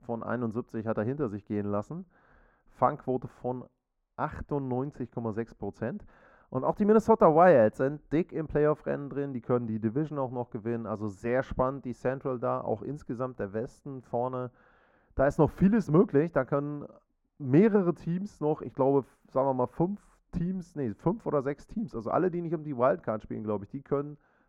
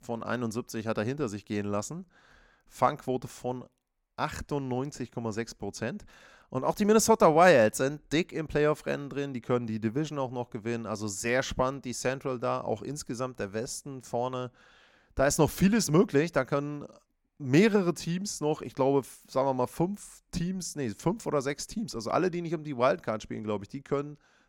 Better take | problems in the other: second | muffled; very; fading above 2 kHz

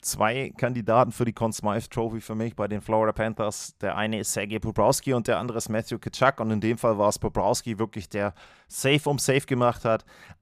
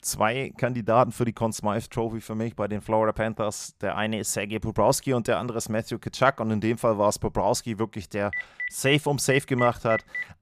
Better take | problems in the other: first | phone ringing; noticeable; from 8.5 s on; peak 5 dB below the speech

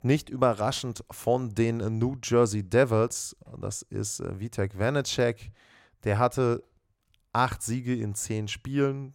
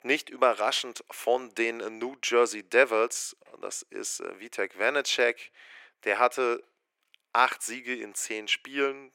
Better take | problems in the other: first | thin; very; fading below 350 Hz

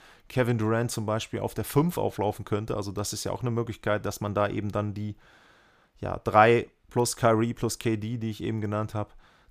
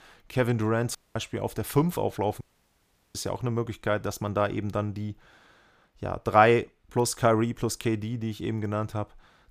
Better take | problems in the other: first | audio cutting out; at 1 s and at 2.5 s for 0.5 s

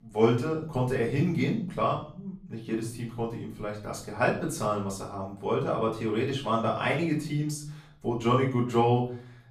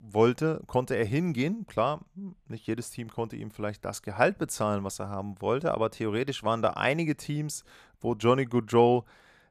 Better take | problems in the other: second | room echo; slight; dies away in 0.5 s // off-mic speech; far

